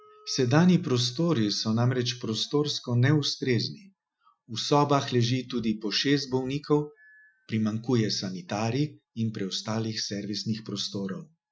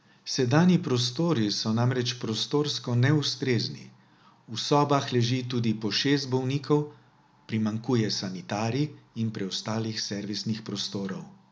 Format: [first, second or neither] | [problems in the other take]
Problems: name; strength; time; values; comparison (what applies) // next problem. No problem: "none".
second | noise reduction (classical method Wiener filter)